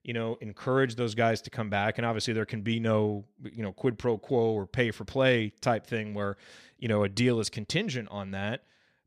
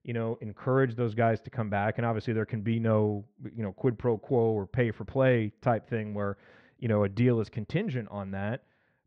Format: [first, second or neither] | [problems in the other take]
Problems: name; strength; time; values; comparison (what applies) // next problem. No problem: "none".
first | muffled; very; fading above 1.5 kHz